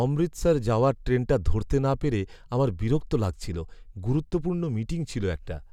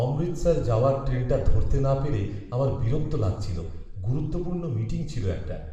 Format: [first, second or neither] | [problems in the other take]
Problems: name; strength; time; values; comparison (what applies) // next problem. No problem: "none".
first | room echo; dies away in 0.8 s